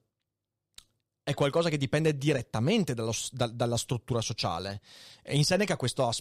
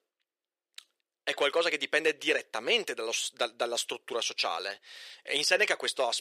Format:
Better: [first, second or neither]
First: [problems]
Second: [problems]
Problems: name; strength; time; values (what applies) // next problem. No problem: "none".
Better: first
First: none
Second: thin; very; fading below 400 Hz